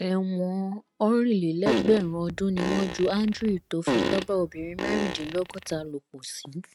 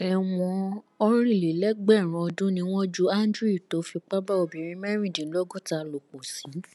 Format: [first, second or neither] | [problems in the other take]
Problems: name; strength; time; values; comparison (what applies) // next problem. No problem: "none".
second | noise reduction (neural mask model RNNoise)